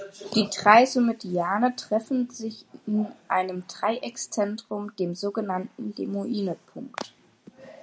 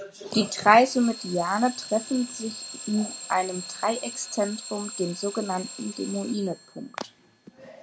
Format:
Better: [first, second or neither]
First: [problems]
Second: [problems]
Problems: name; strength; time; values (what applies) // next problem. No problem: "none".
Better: first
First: none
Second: background sound (Alarm / Clock); 12 dB below the speech